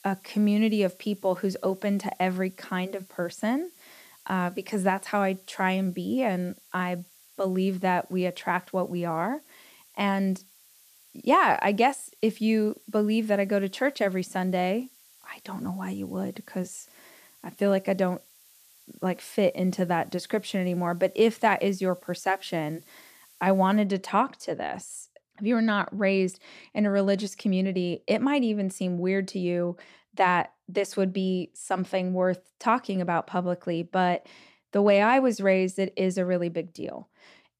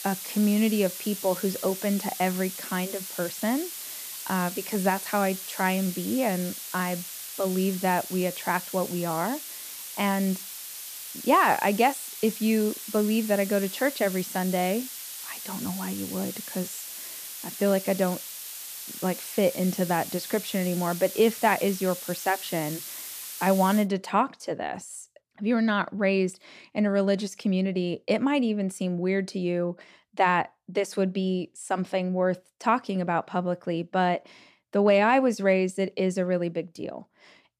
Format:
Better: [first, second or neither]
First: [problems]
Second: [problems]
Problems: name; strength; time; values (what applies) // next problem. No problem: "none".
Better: first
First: hiss; faint; until 24 s; 25 dB below the speech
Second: hiss; loud; until 24 s; 9 dB below the speech